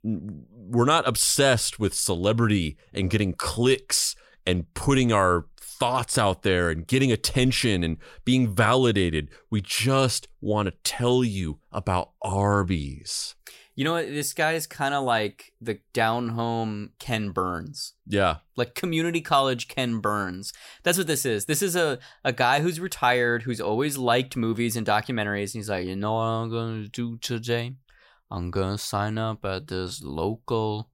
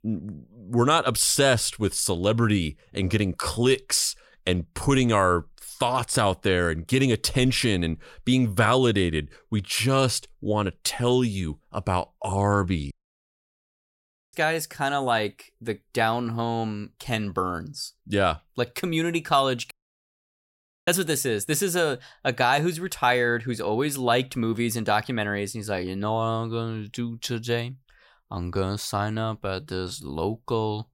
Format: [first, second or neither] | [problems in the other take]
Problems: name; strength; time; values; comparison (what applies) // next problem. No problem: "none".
first | audio cutting out; at 13 s for 1.5 s and at 20 s for 1 s